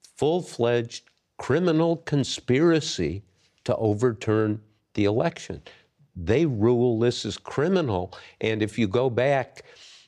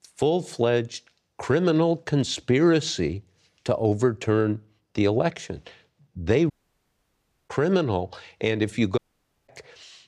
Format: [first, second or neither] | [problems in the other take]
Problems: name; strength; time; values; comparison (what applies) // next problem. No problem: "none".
first | audio cutting out; at 6.5 s for 1 s and at 9 s for 0.5 s